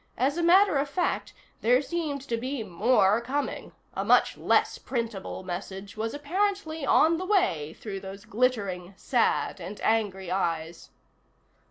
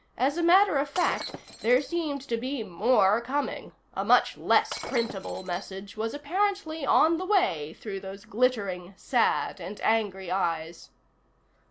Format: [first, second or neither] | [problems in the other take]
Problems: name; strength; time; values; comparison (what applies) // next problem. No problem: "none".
first | background sound (Shatter); 13 dB below the speech